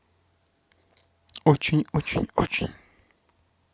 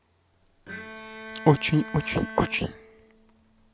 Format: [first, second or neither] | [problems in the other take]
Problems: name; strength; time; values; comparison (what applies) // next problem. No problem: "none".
first | background sound (Bowed string instrument); 14 dB below the speech